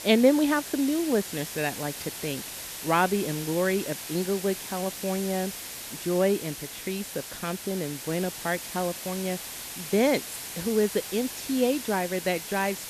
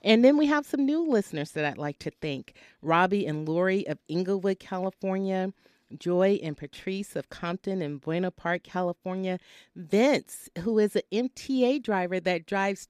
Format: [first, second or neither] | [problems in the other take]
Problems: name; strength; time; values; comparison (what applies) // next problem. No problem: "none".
second | hiss; loud; throughout; 8 dB below the speech